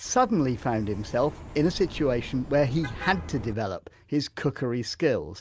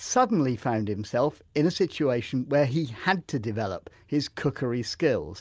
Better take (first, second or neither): second